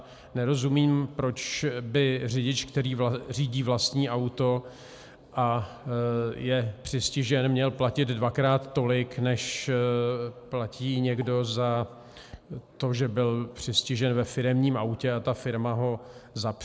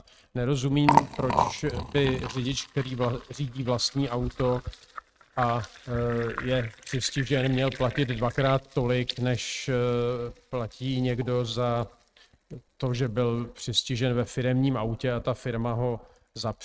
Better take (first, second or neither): first